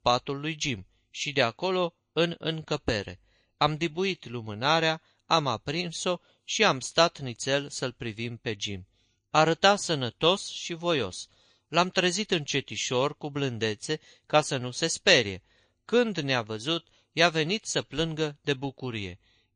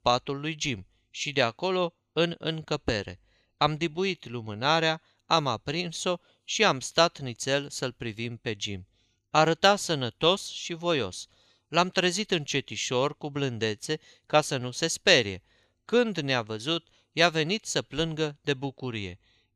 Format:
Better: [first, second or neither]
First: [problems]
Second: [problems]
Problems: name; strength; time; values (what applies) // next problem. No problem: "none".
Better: second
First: garbled, watery; slightly; nothing above 9.5 kHz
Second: none